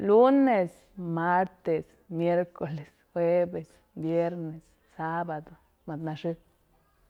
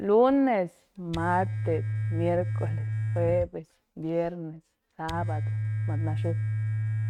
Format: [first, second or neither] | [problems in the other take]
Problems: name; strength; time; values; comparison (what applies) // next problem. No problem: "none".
first | noise reduction (neural mask model RNNoise)